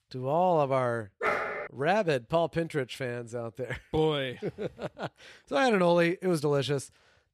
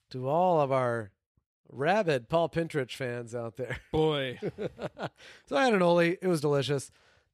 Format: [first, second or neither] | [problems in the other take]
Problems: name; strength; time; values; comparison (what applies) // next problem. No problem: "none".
second | dog barking; noticeable; at 1 s; peak 1 dB below the speech